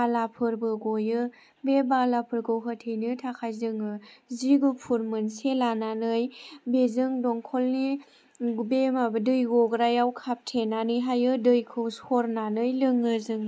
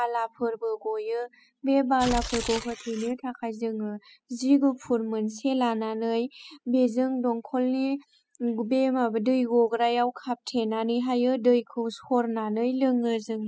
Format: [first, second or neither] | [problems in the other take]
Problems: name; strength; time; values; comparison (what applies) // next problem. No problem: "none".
first | noise reduction (classical method spectral subtraction)